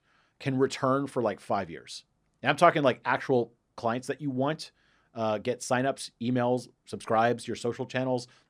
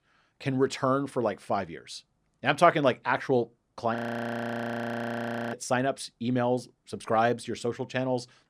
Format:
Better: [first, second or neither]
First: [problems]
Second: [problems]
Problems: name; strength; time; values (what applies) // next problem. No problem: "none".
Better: first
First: none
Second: audio freezing; at 4 s for 1.5 s